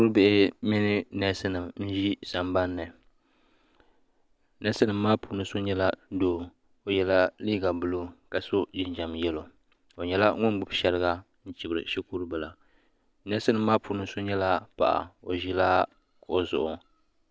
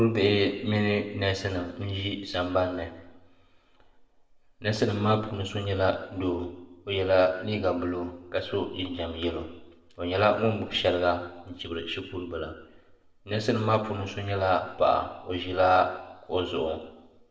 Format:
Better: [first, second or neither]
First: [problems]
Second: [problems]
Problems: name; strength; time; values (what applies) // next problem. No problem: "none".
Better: first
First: none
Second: room echo; dies away in 0.8 s